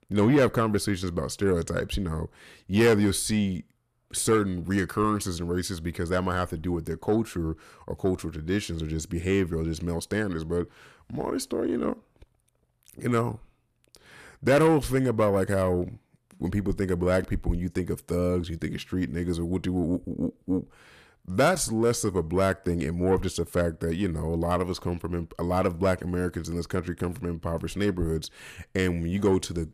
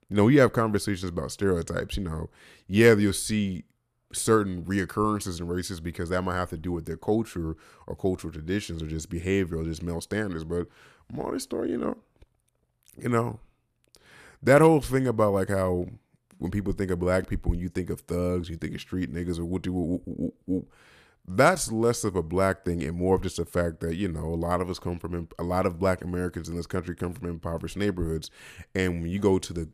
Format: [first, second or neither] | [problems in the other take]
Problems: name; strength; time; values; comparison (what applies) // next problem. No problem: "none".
second | distortion; slight; 10 dB below the speech